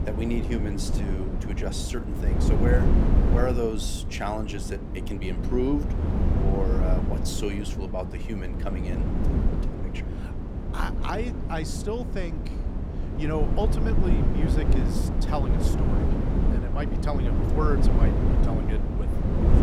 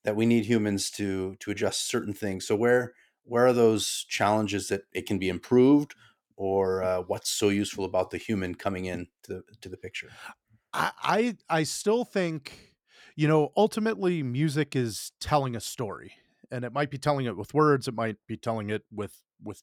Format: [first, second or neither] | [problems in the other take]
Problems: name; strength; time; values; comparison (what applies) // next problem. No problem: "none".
second | wind noise on the microphone; heavy; 2 dB below the speech